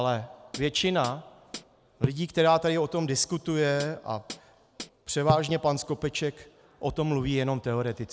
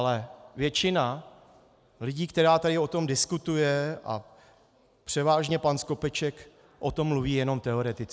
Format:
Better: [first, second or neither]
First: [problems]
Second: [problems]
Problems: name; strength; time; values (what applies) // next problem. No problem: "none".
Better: second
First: background sound (Hi-hat); 9 dB below the speech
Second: none